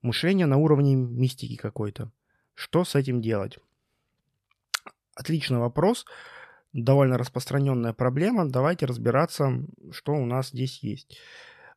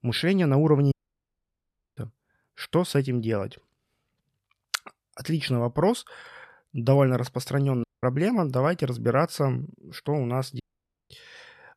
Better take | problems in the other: first | audio cutting out; at 1 s for 1 s, at 8 s and at 11 s for 0.5 s

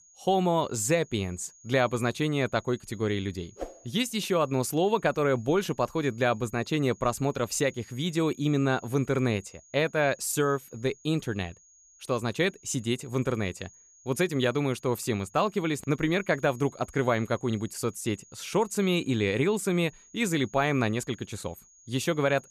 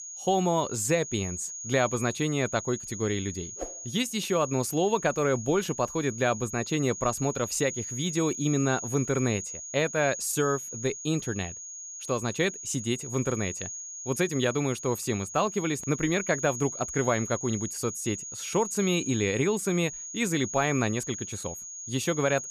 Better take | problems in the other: first | high-pitched whine; loud; throughout; 6.5 kHz, 8 dB below the speech; faint in the first

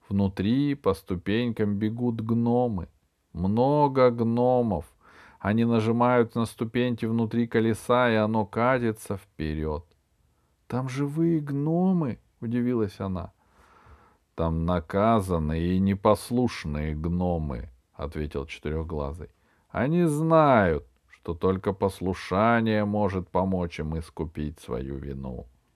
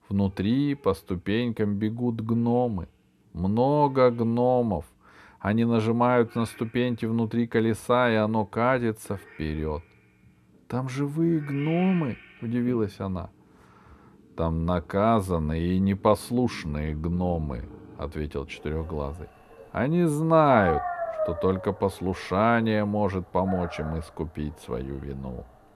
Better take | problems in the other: first | animal sounds; noticeable; throughout; 15 dB below the speech

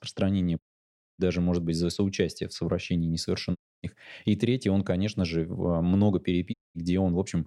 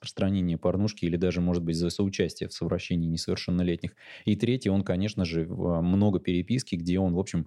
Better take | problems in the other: second | audio cutting out; at 0.5 s for 0.5 s, at 3.5 s and at 6.5 s

